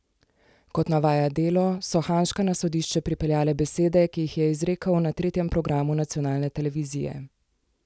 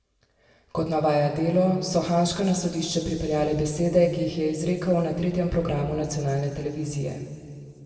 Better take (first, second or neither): first